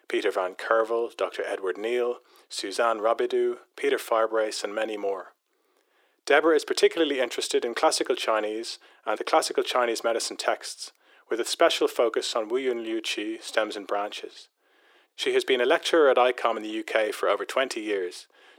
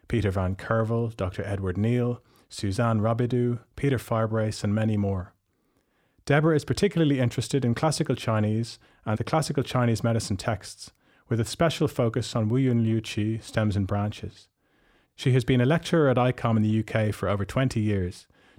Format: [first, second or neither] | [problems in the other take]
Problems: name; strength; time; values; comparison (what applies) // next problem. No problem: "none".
second | thin; very; fading below 350 Hz